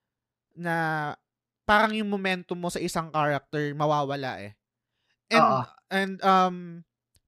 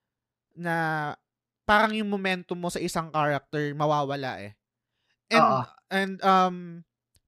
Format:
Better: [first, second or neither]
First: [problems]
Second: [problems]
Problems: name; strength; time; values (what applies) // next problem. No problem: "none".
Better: neither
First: none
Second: none